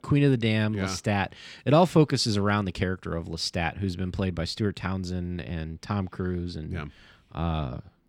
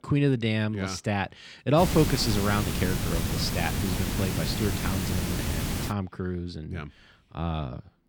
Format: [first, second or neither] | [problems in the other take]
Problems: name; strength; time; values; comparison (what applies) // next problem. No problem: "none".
first | hiss; loud; from 2 to 6 s; 1 dB below the speech